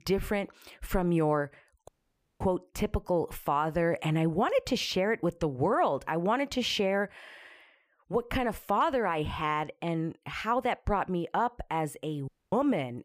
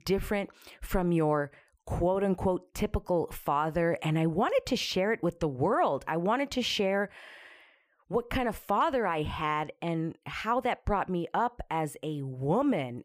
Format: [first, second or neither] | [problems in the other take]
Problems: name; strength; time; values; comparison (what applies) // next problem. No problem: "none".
second | audio cutting out; at 2 s for 0.5 s and at 12 s